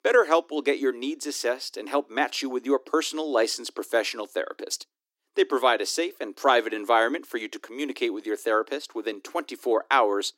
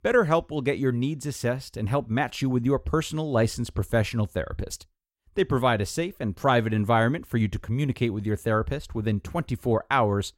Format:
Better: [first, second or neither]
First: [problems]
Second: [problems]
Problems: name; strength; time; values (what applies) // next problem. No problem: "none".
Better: second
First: thin; somewhat; fading below 300 Hz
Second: none